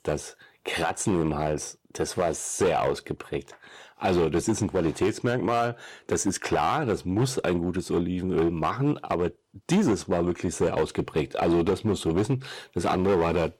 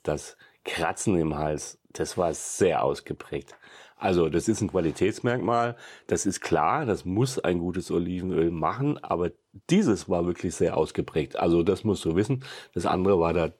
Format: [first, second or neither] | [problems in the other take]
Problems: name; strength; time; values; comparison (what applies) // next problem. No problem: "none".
second | distortion; slight; 7% of the sound clipped